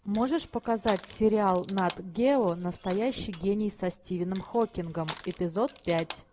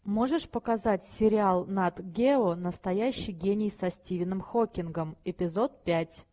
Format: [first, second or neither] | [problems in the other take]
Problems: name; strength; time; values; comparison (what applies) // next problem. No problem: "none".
second | background sound (Crushing); 19 dB below the speech